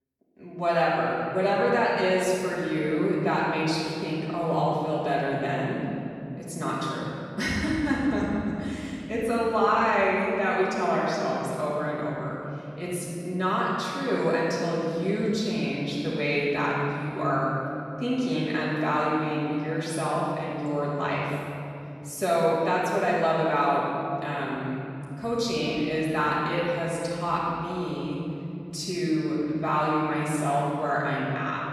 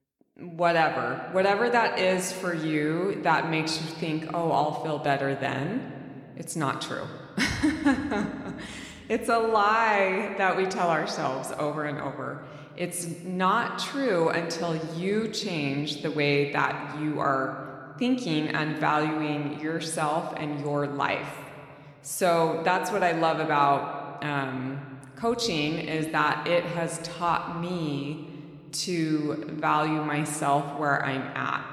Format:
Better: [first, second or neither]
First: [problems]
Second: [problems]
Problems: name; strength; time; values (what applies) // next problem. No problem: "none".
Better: second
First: room echo; strong; dies away in 3 s // off-mic speech; far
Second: room echo; slight; dies away in 1.8 s